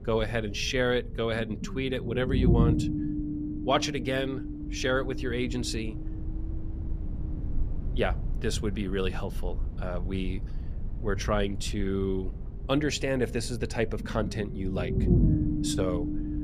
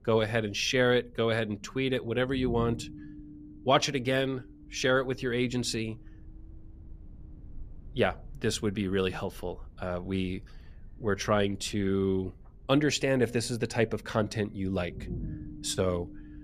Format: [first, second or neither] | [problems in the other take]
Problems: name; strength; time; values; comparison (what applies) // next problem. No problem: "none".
second | low rumble; loud; throughout; 8 dB below the speech; faint in the second